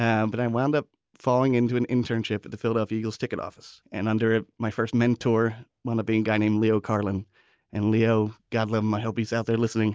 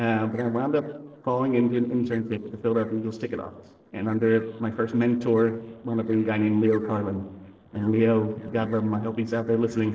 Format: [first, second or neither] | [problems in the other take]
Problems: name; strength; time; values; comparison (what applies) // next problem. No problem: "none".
first | noise reduction (neural separator model SepFormer DNS4)